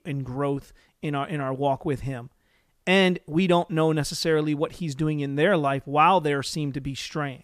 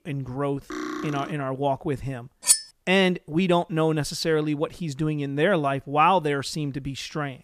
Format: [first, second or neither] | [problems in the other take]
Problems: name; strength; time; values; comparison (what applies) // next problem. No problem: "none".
first | clattering dishes; noticeable; at 0.5 s; peak 7 dB below the speech // clattering dishes; loud; at 2.5 s; peak 5 dB above the speech